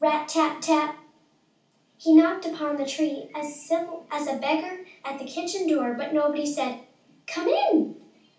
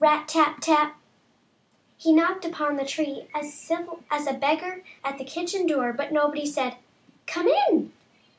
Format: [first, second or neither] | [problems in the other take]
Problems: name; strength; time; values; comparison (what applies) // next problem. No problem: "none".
second | room echo; dies away in 0.4 s